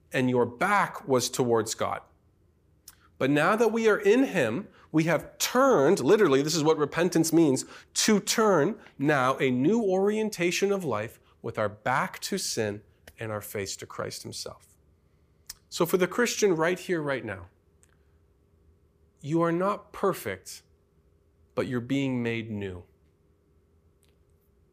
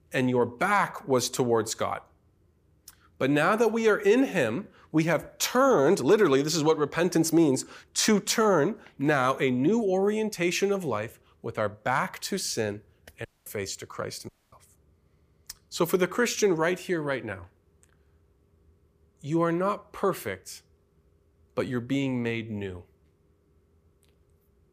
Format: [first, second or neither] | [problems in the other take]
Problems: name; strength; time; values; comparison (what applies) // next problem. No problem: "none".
first | audio cutting out; at 13 s and at 14 s